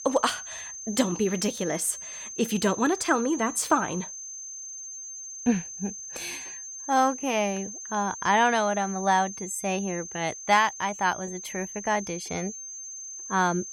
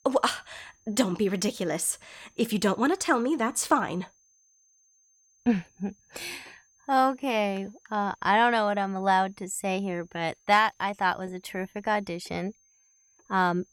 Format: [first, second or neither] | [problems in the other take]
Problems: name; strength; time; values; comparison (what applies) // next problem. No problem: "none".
second | high-pitched whine; loud; throughout; 6.5 kHz, 10 dB below the speech; faint in the second